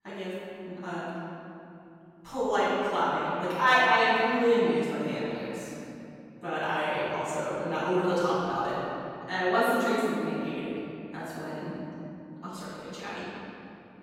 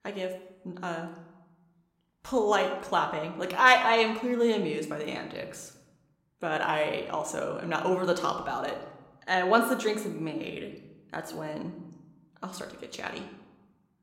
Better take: second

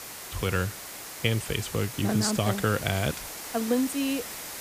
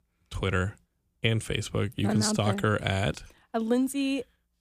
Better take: second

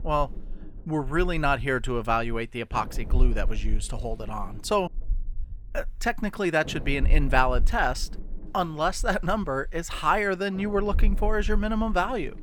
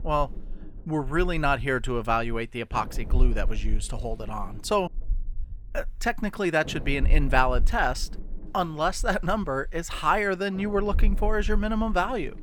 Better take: neither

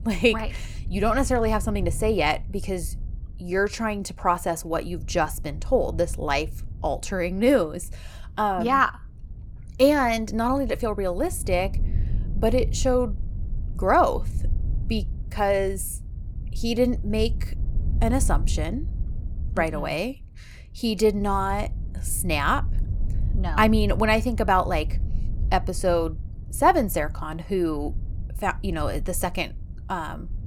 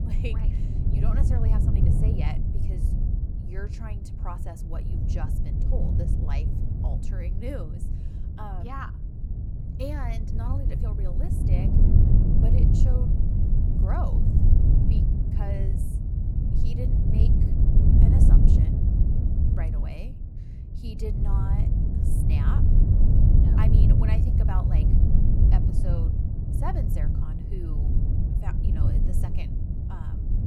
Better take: first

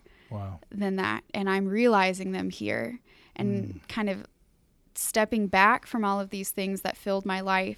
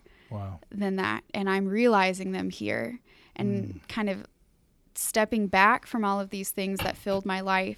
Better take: first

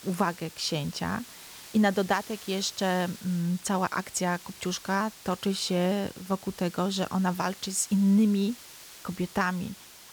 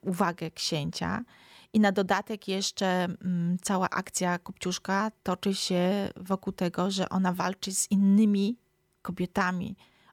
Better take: second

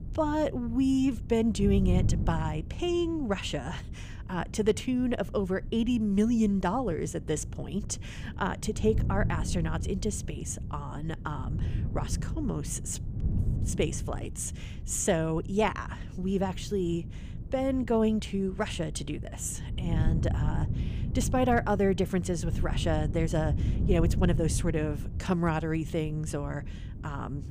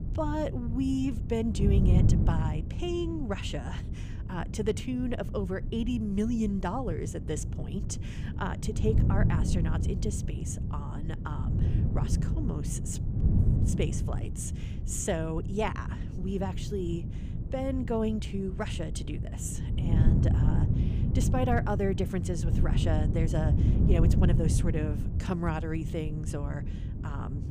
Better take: first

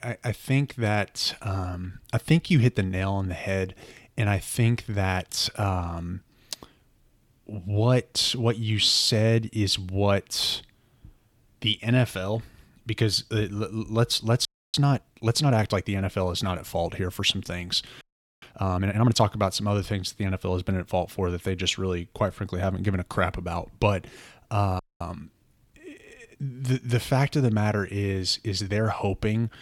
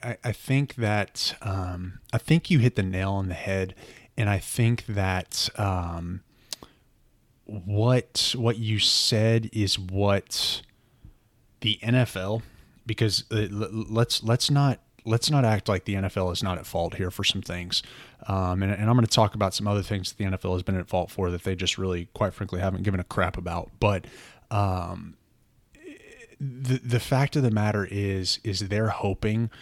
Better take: second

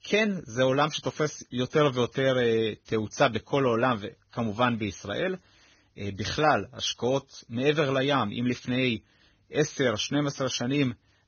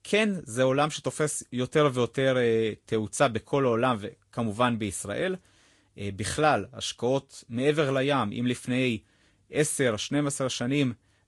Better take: second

